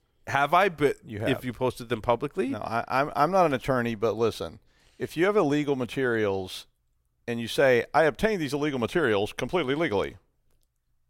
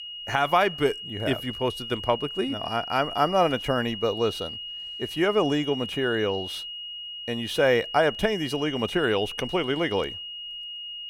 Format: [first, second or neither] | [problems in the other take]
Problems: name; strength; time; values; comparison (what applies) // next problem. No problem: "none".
first | high-pitched whine; loud; throughout; 3 kHz, 8 dB below the speech